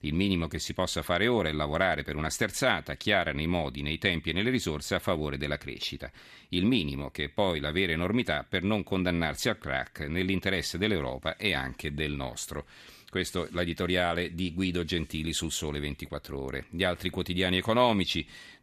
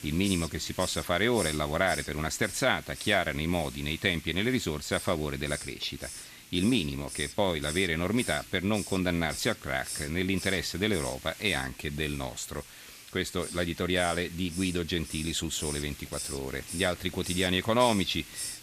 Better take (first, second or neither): first